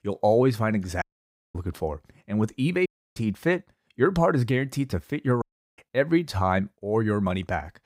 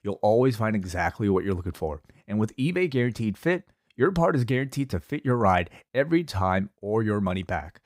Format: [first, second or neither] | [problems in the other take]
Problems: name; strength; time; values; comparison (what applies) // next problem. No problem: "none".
second | audio cutting out; at 1 s for 0.5 s, at 3 s and at 5.5 s